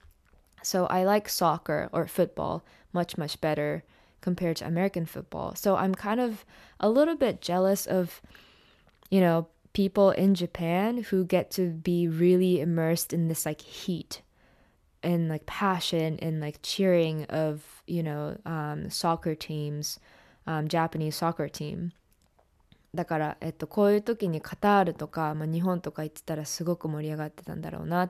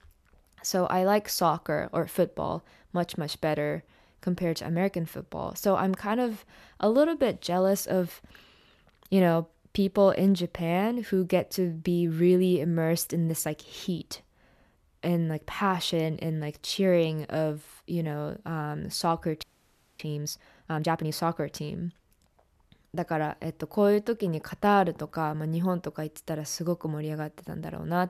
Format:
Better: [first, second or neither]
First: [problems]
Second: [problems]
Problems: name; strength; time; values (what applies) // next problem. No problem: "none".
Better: first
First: none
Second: audio freezing; at 19 s for 0.5 s